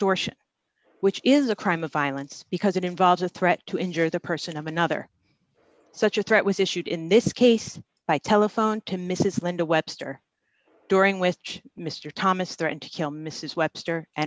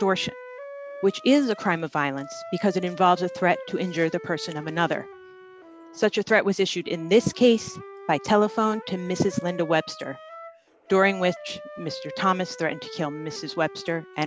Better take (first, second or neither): first